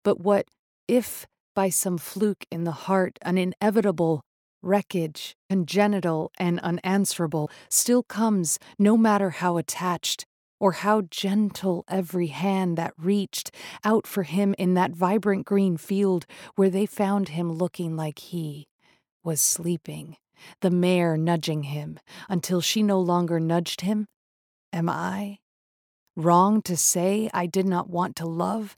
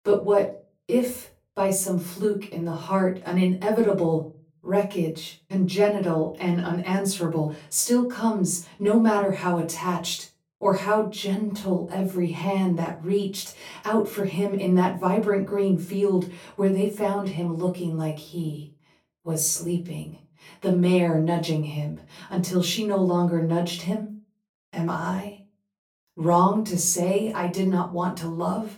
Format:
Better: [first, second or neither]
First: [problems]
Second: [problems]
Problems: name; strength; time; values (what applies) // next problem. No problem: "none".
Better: first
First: none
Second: room echo; slight; dies away in 0.3 s // off-mic speech; far